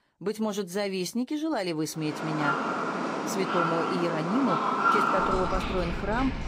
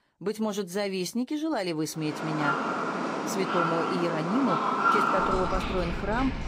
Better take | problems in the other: neither | animal sounds; very loud; from 2 s on; 3 dB above the speech; the same in both

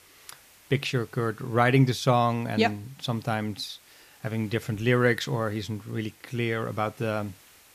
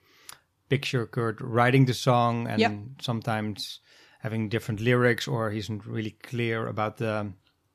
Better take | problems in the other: second | hiss; faint; throughout; 25 dB below the speech

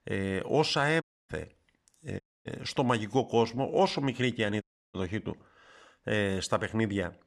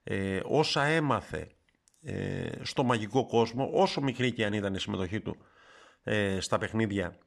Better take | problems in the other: second | audio cutting out; at 1 s, at 2 s and at 4.5 s

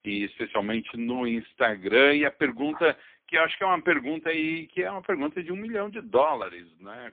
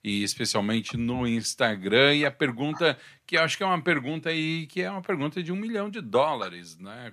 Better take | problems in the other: second | phone-call audio; poor line

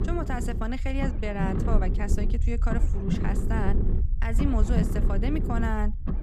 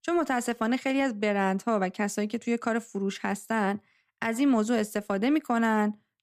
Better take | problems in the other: second | low rumble; loud; throughout; 5 dB below the speech

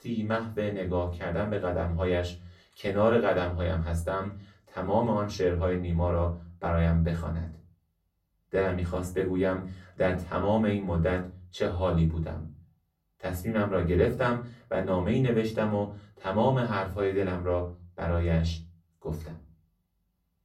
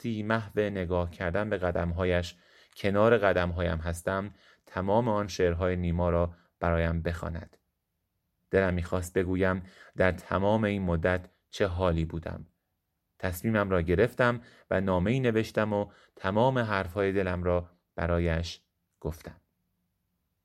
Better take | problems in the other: second | off-mic speech; far // room echo; very slight; dies away in 0.3 s

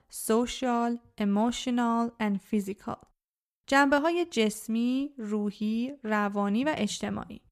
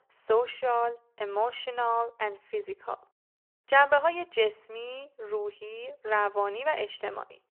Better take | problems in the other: first | phone-call audio

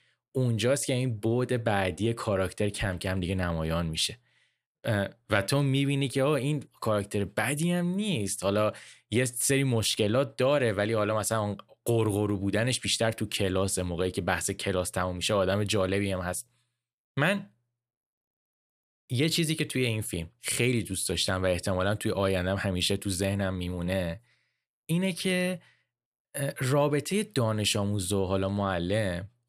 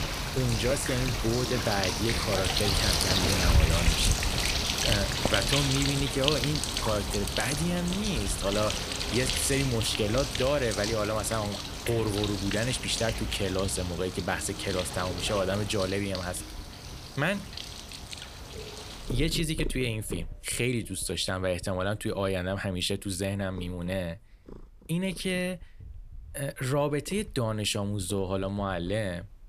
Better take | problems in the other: first | animal sounds; loud; throughout; as loud as the speech

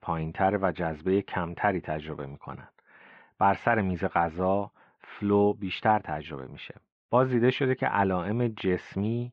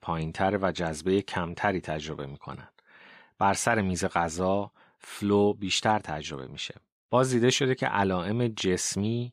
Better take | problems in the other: second | muffled; very; fading above 2.5 kHz

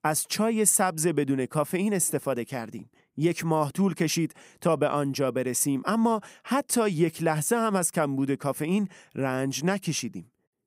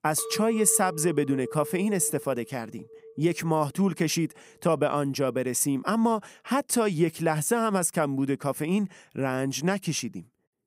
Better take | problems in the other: first | clattering dishes; noticeable; until 3.5 s; peak 9 dB below the speech

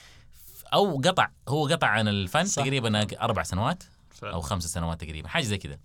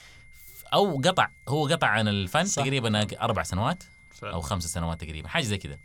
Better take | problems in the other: first | high-pitched whine; faint; throughout; 2 kHz, 30 dB below the speech

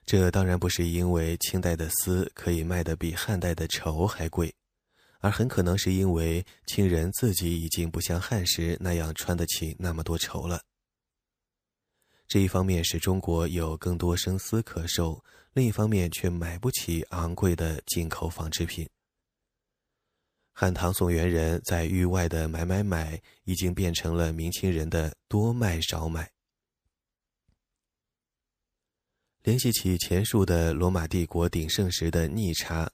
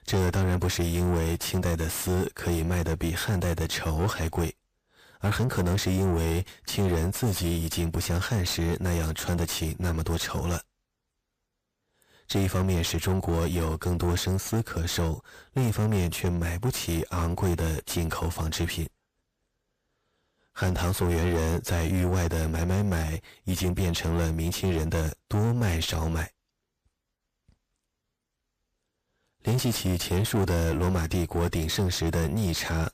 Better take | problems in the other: first | distortion; heavy; 7 dB below the speech

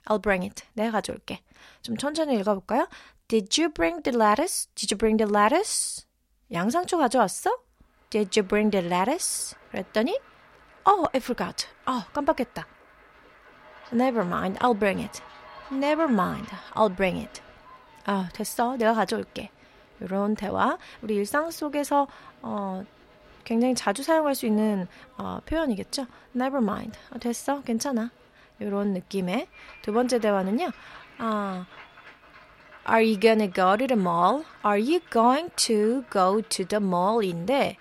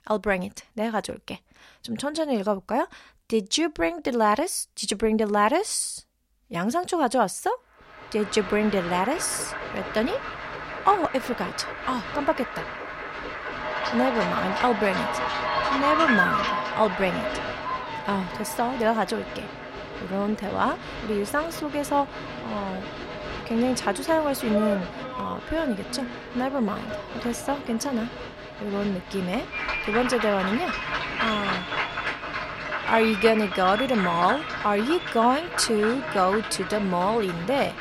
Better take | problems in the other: first | crowd noise; loud; from 8.5 s on; 4 dB below the speech; faint in the first

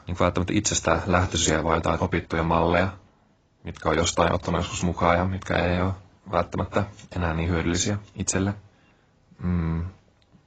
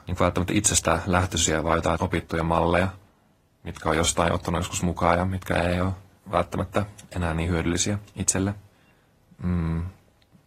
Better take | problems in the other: second | garbled, watery; badly; nothing above 7.5 kHz; slightly in the second

